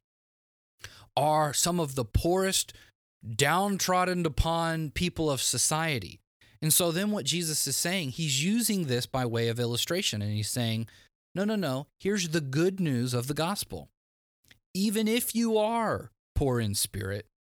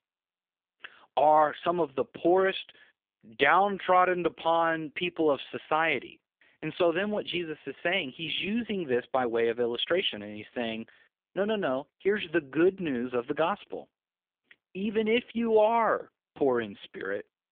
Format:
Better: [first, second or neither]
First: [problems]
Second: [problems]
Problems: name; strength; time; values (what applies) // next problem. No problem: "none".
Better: first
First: none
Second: phone-call audio; poor line; nothing above 3.5 kHz